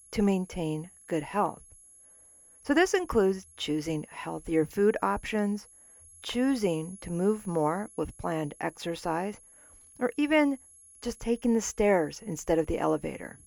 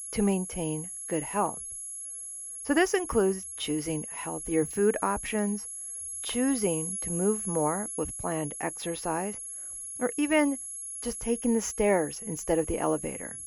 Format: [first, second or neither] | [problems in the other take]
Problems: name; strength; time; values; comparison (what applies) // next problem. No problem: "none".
first | high-pitched whine; loud; throughout; 11 kHz, 6 dB below the speech; faint in the first